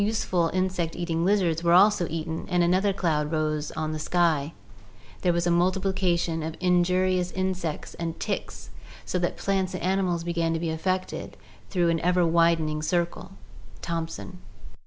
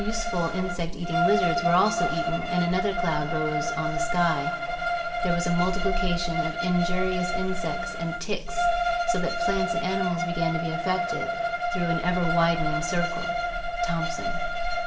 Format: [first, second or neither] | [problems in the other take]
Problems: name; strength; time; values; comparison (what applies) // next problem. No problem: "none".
first | background sound (Bowed string instrument); 1 dB below the speech // room echo; dies away in 2.1 s